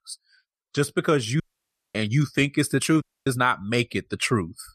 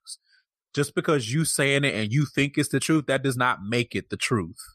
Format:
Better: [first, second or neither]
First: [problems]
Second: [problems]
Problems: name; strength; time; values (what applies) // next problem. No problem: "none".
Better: second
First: audio cutting out; at 1.5 s for 0.5 s and at 3 s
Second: none